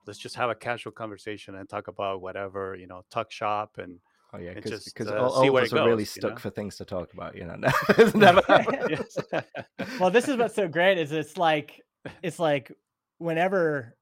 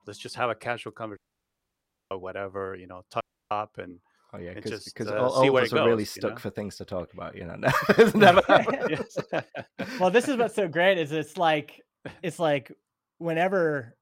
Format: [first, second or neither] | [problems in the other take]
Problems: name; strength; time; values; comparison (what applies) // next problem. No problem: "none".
first | audio cutting out; at 1 s for 1 s and at 3 s